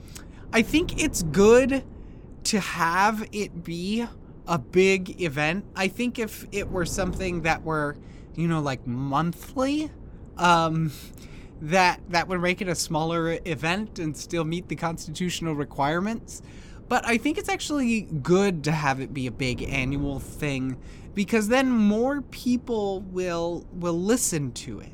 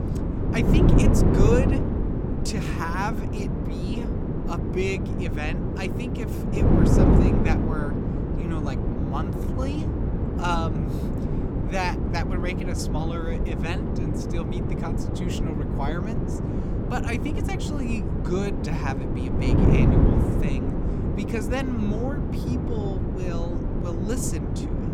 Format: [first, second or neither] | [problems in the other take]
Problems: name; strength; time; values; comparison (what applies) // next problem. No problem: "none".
first | wind noise on the microphone; heavy; 1 dB above the speech; occasional gusts in the first